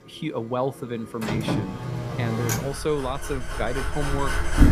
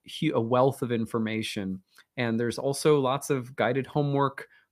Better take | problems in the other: second | traffic noise; very loud; throughout; 1 dB above the speech

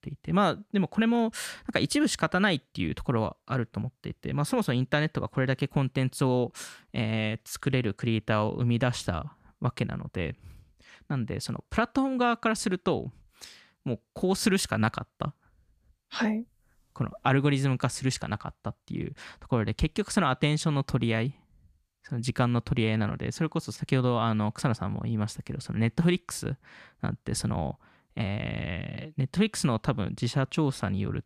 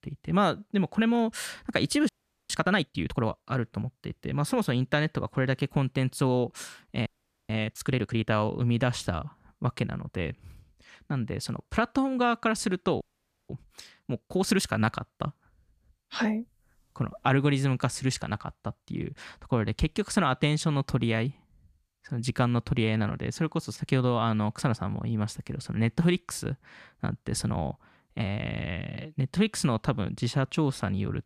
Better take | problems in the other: first | audio freezing; at 2 s, at 7 s and at 13 s

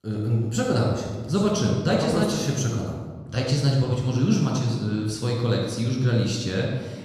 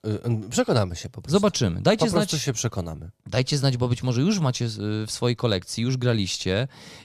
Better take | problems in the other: second | off-mic speech; somewhat distant // room echo; noticeable; dies away in 1.3 s

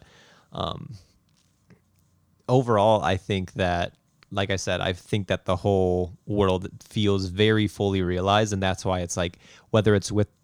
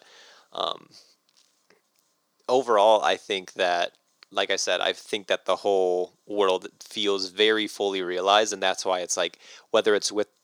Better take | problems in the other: first | thin; very; fading below 350 Hz

